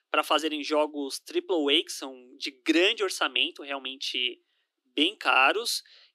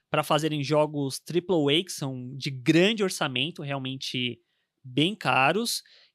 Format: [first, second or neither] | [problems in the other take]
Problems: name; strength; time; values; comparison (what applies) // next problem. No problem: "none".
second | thin; somewhat; fading below 300 Hz